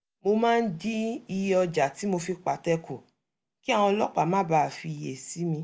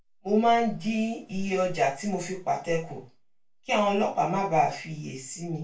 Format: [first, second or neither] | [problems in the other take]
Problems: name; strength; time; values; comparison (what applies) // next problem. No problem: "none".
first | room echo; dies away in 0.2 s